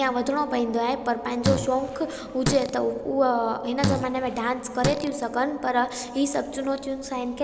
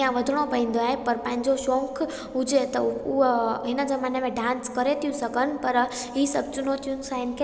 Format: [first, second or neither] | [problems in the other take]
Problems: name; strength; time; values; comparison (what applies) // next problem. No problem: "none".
second | background sound (Fart); 5 dB below the speech